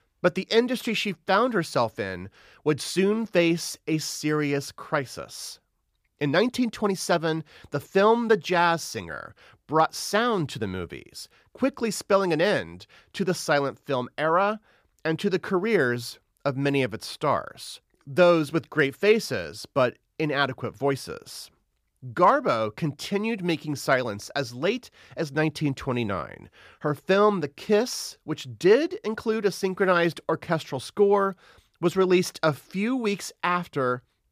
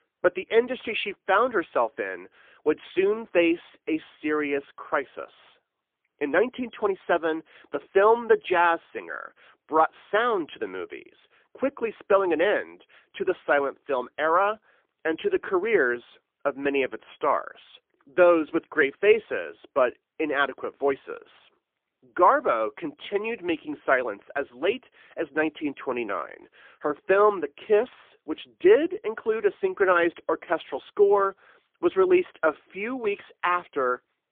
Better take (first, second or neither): first